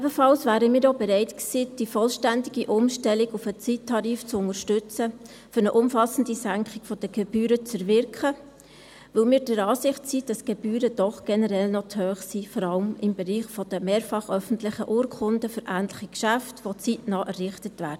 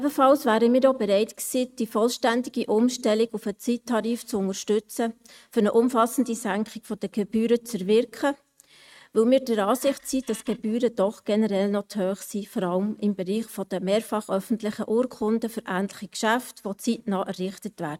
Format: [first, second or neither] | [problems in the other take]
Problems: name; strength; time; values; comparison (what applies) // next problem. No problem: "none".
first | noise reduction (neural mask model RNNoise)